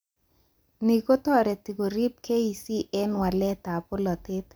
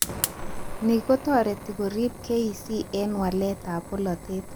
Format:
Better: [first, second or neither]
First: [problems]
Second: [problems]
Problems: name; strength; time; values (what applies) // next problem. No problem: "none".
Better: first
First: none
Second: background sound (Fire); 8 dB below the speech